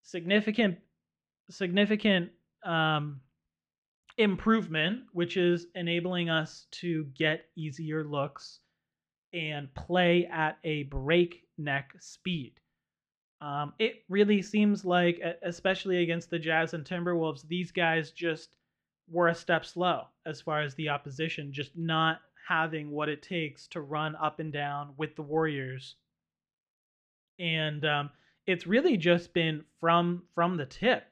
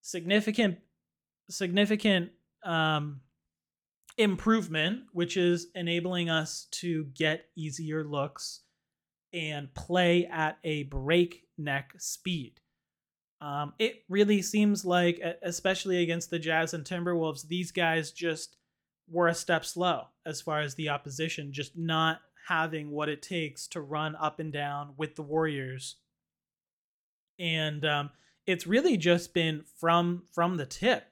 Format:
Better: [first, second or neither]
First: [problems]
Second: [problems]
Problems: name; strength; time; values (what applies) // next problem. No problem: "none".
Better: second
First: muffled; slightly; fading above 3 kHz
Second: none